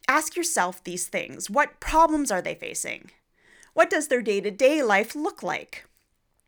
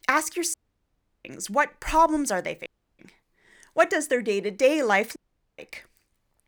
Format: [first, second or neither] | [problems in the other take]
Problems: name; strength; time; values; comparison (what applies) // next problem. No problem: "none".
first | audio cutting out; at 0.5 s for 0.5 s, at 2.5 s and at 5 s